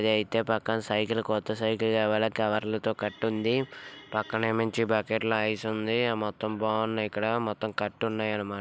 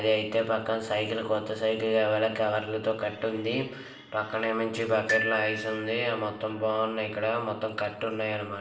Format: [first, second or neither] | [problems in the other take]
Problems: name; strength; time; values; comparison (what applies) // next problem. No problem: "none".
first | background sound (Glockenspiel); 7 dB below the speech // room echo; dies away in 1 s